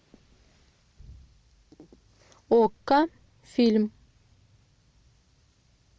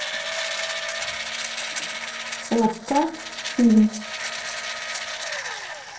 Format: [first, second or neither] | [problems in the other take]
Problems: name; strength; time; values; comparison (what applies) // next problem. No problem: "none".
first | noise reduction (neural separator model SepFormer DNS4)